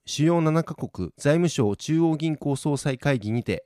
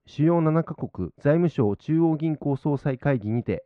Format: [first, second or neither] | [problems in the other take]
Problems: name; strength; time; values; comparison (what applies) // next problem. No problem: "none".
first | muffled; very; fading above 1.5 kHz